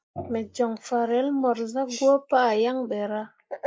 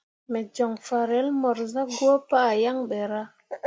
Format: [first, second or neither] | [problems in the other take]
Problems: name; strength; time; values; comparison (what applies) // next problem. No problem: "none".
second | noise reduction (neural mask model Resemble Enhance denoiser)